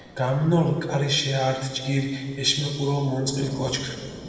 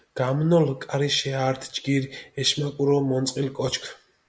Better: second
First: background sound (Thunder / Rain); 19 dB below the speech // room echo; dies away in 1.5 s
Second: none

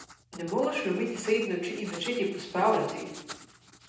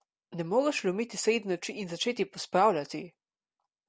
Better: second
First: background sound (Writing); 18 dB below the speech // room echo; dies away in 0.9 s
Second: none

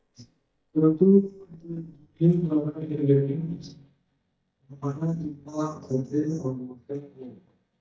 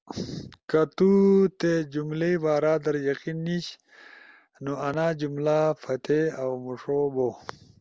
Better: second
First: noise reduction (neural mask model DeepFilterNet 3)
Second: none

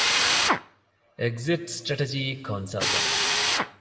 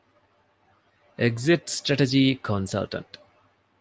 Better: second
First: background sound (Drill); 4 dB above the speech // room echo; dies away in 1.1 s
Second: none

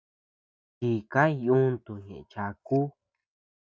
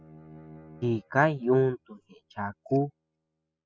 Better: first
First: none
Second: noise reduction (classical method spectral subtraction)

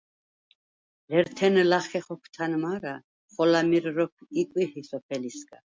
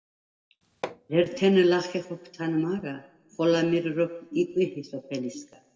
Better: first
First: none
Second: background sound (Hammer); 14 dB below the speech // room echo; dies away in 1.1 s

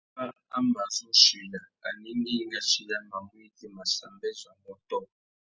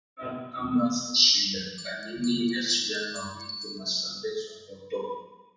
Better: first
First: none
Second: background sound (Bell); 12 dB below the speech // room echo; dies away in 1.1 s

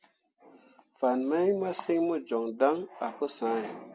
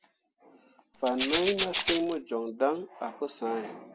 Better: first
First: none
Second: background sound (Rattle (instrument)); 1 dB below the speech

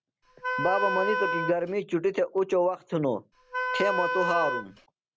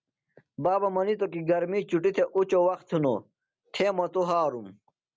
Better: second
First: background sound (Wind instrument, woodwind instrument); 1 dB below the speech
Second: none

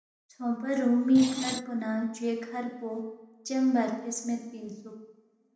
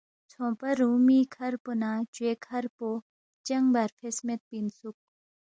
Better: second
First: background sound (Screech); 8 dB below the speech // room echo; dies away in 0.8 s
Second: none

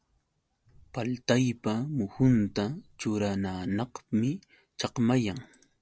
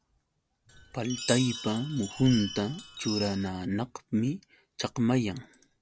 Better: first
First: none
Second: background sound (Chime); 9 dB below the speech

